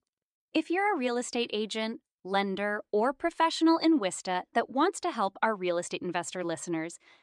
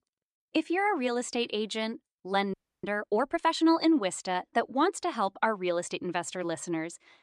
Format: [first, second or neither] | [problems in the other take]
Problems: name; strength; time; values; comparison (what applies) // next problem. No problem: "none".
first | audio freezing; at 2.5 s